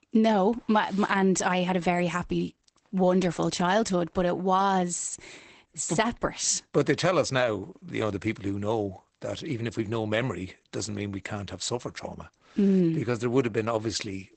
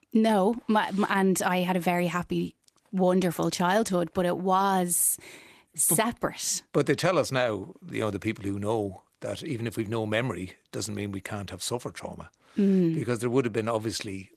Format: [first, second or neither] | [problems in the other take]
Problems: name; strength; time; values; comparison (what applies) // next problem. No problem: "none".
second | garbled, watery; badly; nothing above 8 kHz; slightly in the second